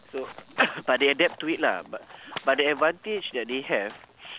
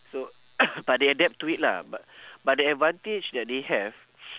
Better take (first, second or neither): second